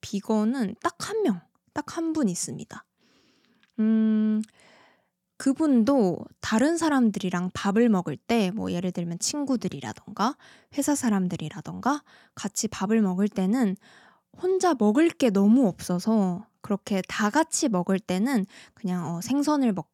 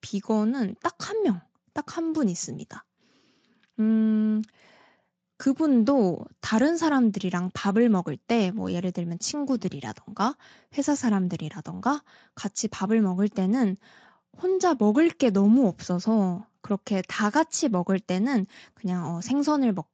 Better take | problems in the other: first | garbled, watery; slightly; nothing above 7.5 kHz

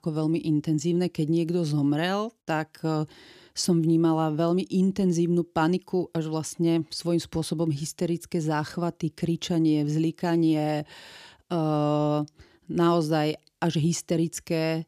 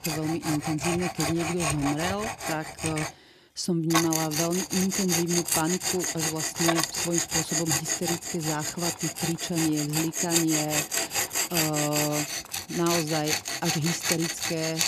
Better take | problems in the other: first | machinery noise; very loud; throughout; 2 dB above the speech

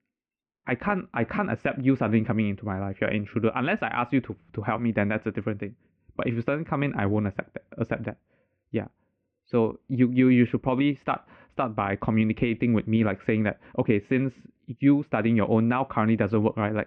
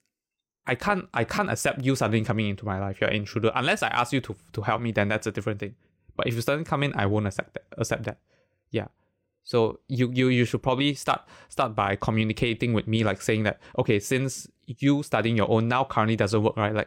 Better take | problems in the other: second | muffled; very; fading above 2.5 kHz

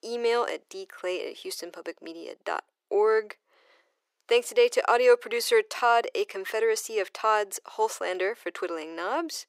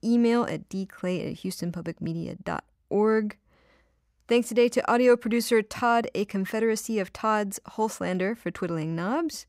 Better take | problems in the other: second | thin; very; fading below 350 Hz

